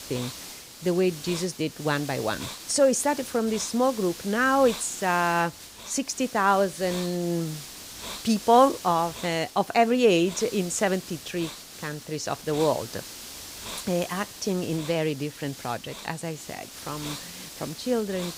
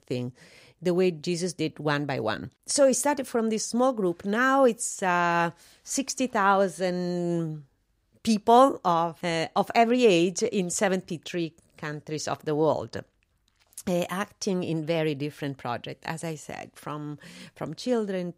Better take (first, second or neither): second